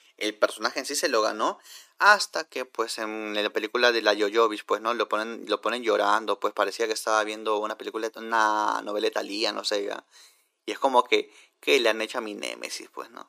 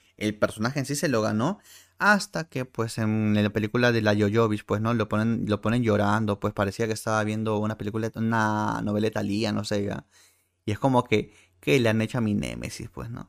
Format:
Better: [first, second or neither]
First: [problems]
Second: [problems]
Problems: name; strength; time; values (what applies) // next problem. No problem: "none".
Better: second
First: thin; very; fading below 350 Hz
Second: none